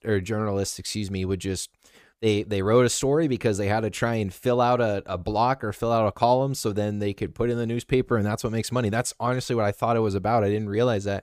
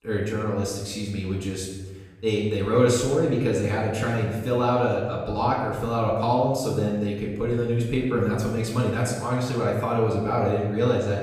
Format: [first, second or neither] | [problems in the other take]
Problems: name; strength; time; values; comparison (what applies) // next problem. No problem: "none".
first | room echo; noticeable; dies away in 1.1 s // off-mic speech; far